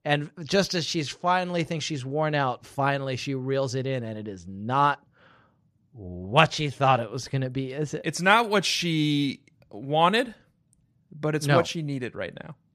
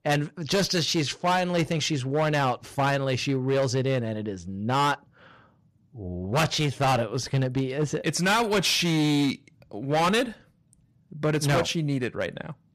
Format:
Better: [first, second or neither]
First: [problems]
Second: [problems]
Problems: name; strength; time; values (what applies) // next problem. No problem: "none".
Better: first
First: none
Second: distortion; heavy; 11% of the sound clipped